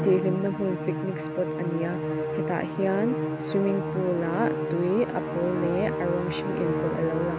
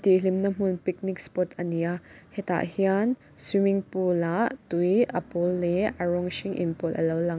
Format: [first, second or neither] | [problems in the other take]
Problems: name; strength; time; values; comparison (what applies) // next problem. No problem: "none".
second | background sound (Musical instrument); 2 dB below the speech